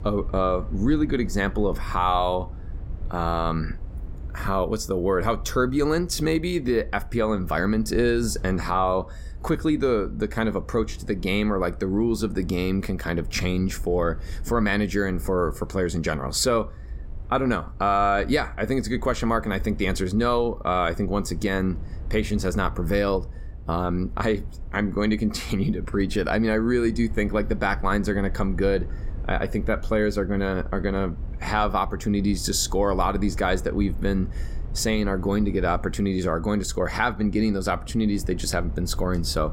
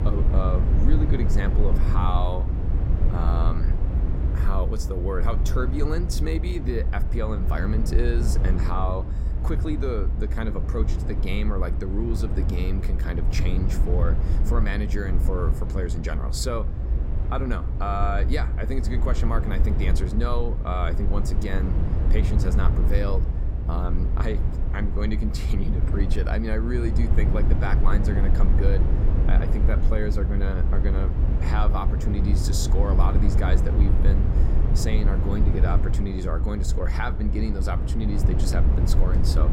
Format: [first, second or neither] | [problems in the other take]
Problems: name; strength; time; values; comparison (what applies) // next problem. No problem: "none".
first | low rumble; loud; throughout; 6 dB below the speech; faint in the first